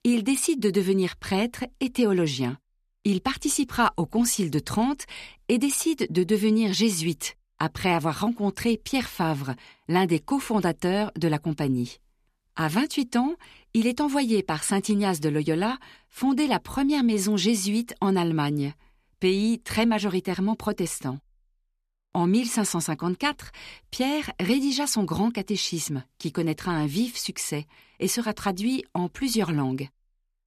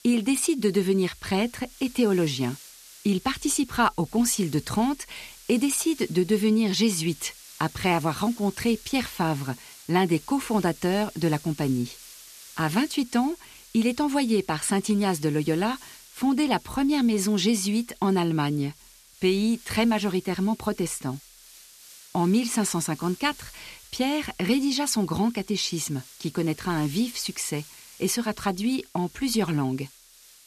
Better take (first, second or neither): first